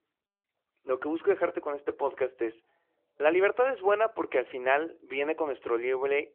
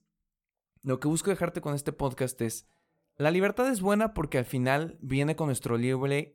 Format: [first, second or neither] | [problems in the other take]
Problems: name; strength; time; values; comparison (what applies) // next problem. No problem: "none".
second | phone-call audio